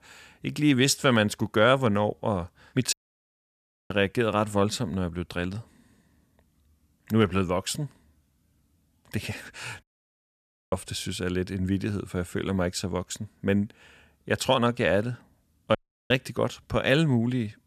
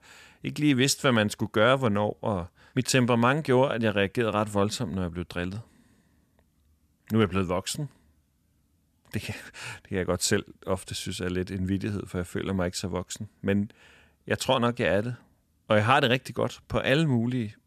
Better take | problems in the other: second | audio cutting out; at 3 s for 1 s, at 10 s for 1 s and at 16 s

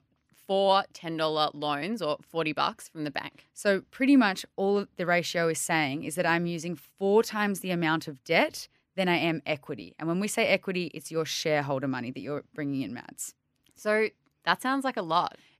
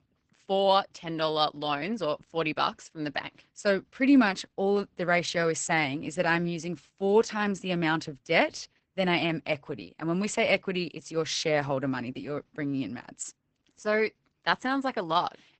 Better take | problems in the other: first | garbled, watery; badly; nothing above 8 kHz

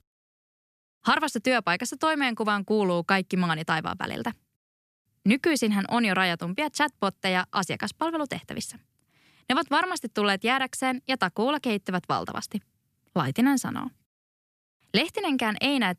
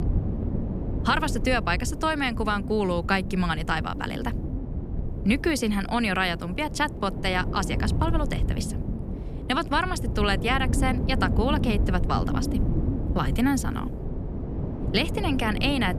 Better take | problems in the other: first | wind noise on the microphone; occasional gusts; 10 dB below the speech

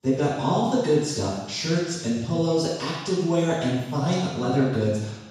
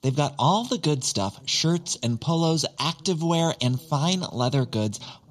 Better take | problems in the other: second | room echo; strong; dies away in 1.1 s; slight in the second // off-mic speech; far

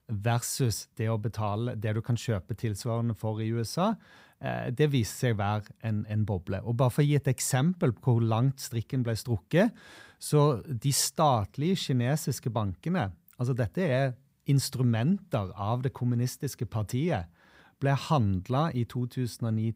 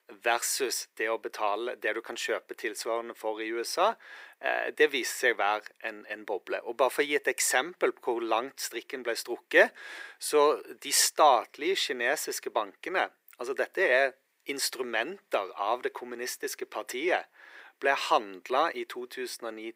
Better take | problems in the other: first | thin; very; fading below 350 Hz

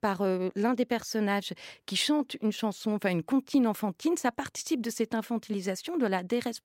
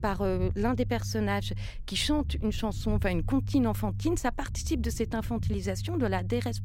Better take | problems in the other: first | low rumble; noticeable; throughout; 20 dB below the speech

